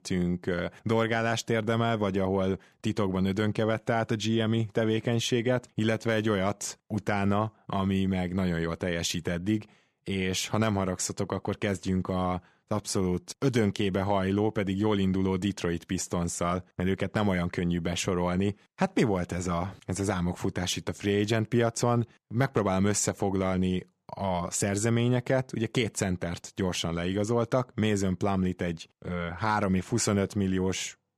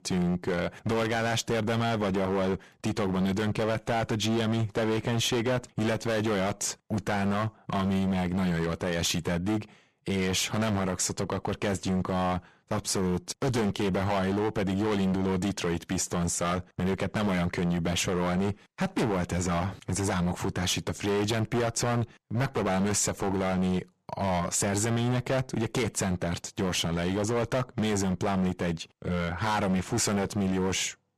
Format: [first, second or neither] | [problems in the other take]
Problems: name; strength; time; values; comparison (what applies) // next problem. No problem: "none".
first | distortion; heavy; 20% of the sound clipped